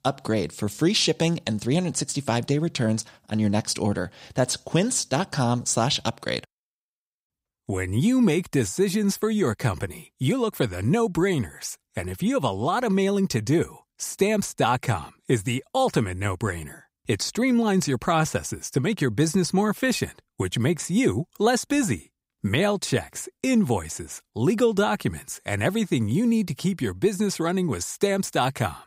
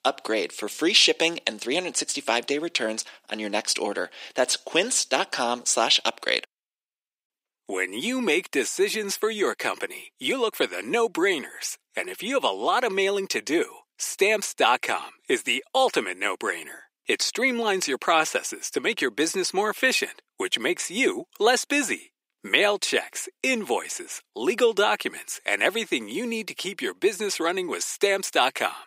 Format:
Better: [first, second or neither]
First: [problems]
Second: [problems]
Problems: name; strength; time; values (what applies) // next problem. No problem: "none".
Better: first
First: none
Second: thin; somewhat; fading below 300 Hz